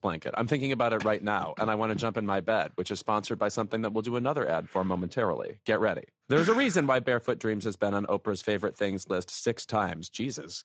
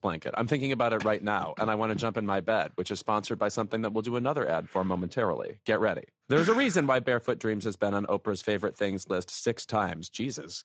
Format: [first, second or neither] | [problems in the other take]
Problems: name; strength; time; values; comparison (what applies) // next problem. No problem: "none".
neither | garbled, watery; slightly; nothing above 7.5 kHz; the same in both